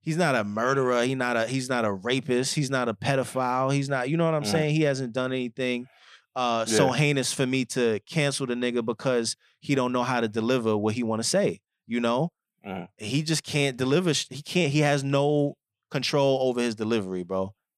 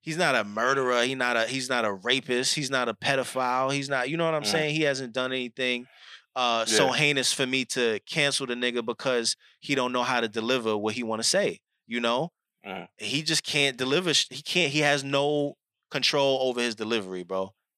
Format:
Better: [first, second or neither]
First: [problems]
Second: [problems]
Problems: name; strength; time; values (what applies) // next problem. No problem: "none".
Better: first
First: none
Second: thin; very slightly; fading below 750 Hz